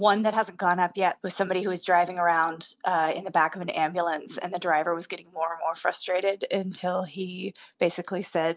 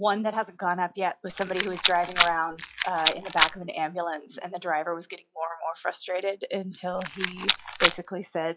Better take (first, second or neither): first